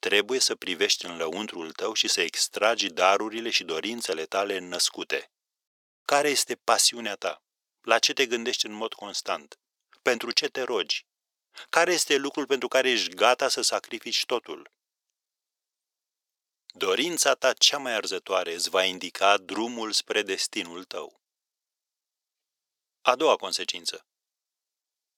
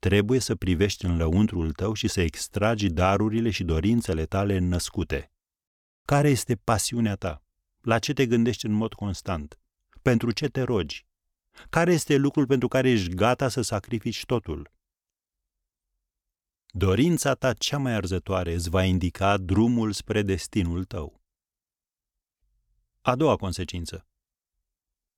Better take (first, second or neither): second